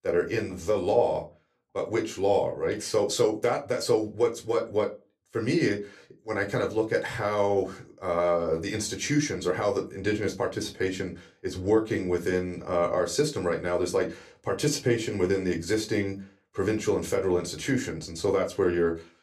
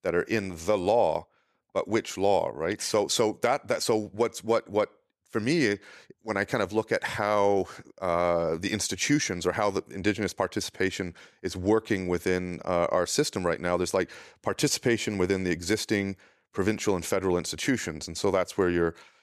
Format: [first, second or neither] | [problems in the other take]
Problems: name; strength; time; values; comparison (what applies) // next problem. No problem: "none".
second | off-mic speech; somewhat distant // room echo; very slight; dies away in 0.2 s